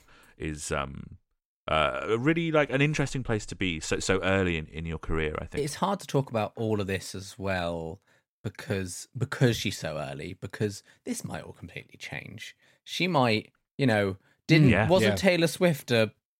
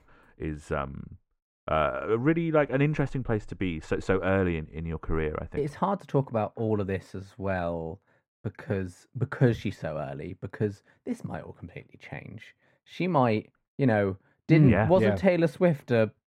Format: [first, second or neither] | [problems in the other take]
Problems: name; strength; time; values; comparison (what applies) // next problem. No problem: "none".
first | muffled; very; fading above 2.5 kHz